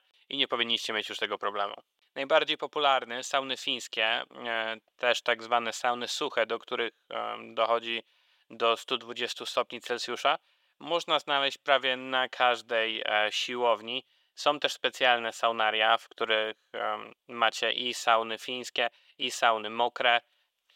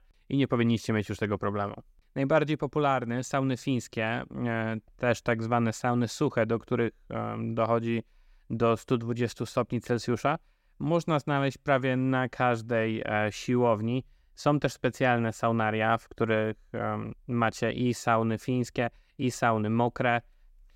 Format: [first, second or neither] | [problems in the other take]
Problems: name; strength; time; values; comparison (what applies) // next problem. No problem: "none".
second | thin; very; fading below 650 Hz